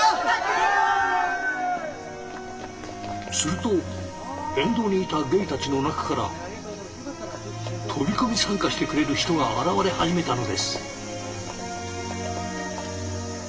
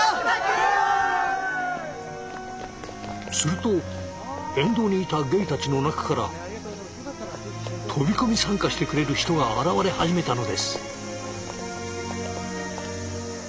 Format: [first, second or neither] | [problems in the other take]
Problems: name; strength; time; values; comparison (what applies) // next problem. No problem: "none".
second | room echo; dies away in 3 s